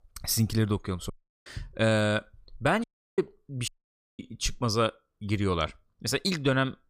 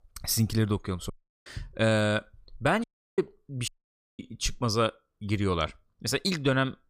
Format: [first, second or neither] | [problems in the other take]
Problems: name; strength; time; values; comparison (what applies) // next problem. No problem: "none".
neither | audio cutting out; at 1 s, at 3 s and at 3.5 s for 0.5 s; the same in both